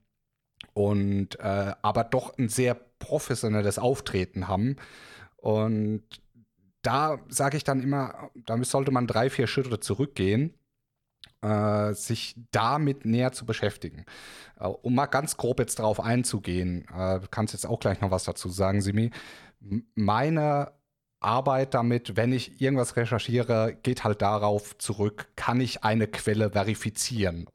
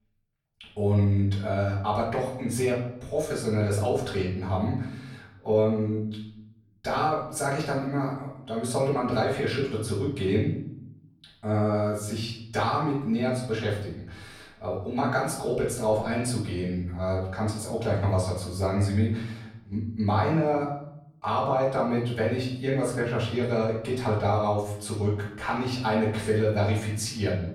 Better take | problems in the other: first | off-mic speech; far // room echo; noticeable; dies away in 0.7 s

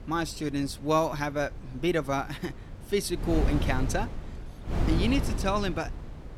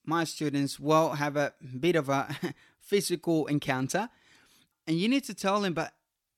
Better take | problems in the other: second | wind noise on the microphone; heavy; 10 dB below the speech

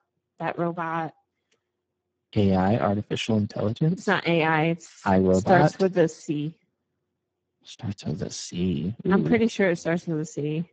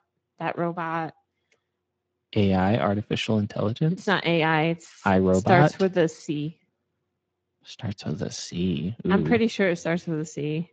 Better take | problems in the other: second | garbled, watery; badly; nothing above 7.5 kHz; slightly in the second

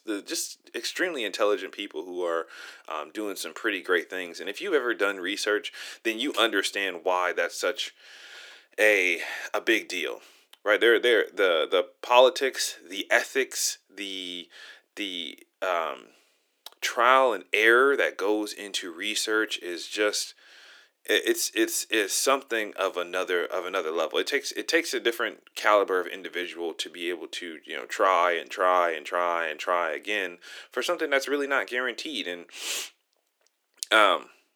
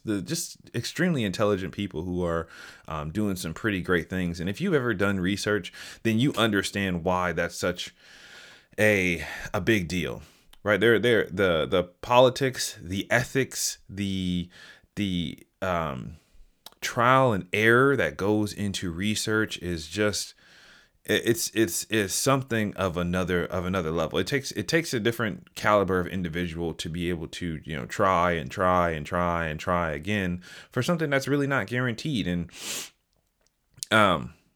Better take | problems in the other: second | thin; very; fading below 300 Hz

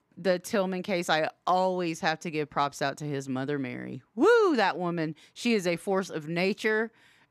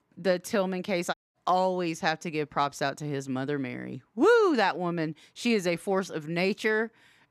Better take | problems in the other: first | audio cutting out; at 1 s

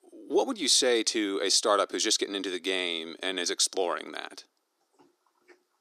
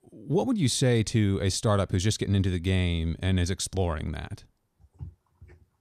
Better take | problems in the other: second | thin; very; fading below 300 Hz

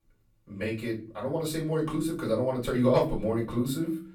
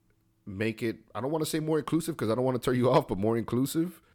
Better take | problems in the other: second | off-mic speech; far // room echo; very slight; dies away in 0.3 s

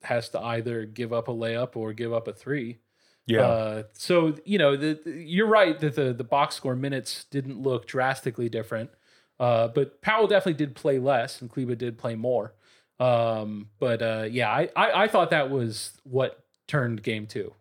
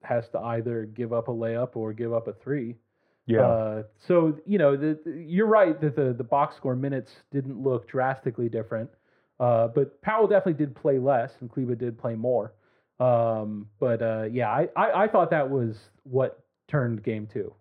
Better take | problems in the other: first | muffled; very; fading above 3 kHz

